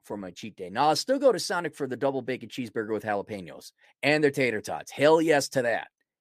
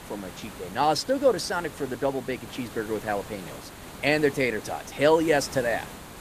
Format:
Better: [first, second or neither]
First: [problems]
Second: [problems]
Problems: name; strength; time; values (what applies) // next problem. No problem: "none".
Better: first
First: none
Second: hiss; noticeable; throughout; 15 dB below the speech